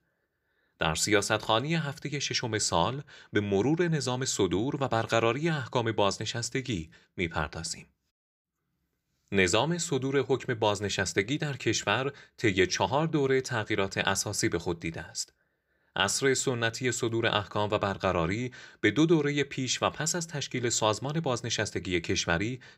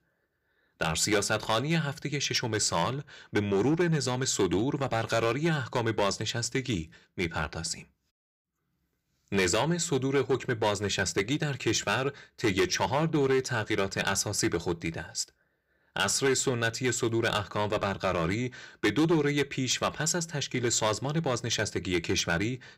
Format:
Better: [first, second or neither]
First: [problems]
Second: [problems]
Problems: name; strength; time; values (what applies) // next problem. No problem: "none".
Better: first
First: none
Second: distortion; slight; 4% of the sound clipped